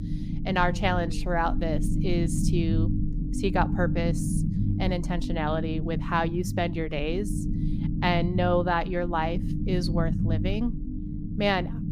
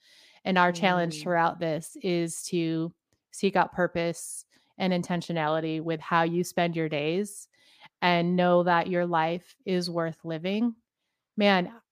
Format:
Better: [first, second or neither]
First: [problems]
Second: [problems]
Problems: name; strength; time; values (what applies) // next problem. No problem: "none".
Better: second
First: low rumble; loud; throughout; 10 dB below the speech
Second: none